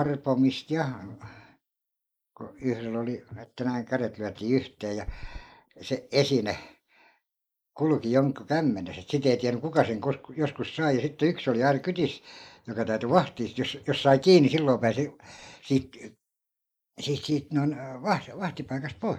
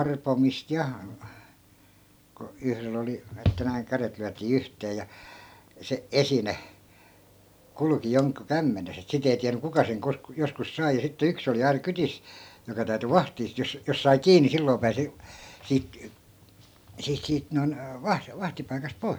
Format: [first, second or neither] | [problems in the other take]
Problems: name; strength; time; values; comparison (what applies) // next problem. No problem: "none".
second | noise reduction (neural mask model Resemble Enhance denoiser)